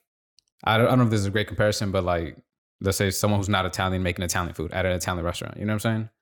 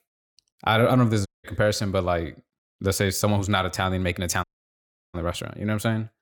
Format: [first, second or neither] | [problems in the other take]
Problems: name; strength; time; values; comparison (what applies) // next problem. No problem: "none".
first | audio cutting out; at 1.5 s and at 4.5 s for 0.5 s